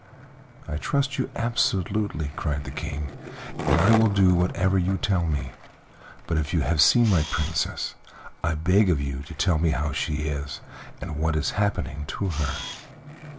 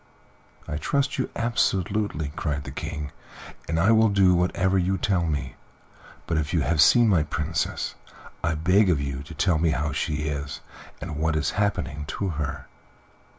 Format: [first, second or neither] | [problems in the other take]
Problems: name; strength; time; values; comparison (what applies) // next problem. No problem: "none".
second | background sound (Camera + Skateboard); 12 dB below the speech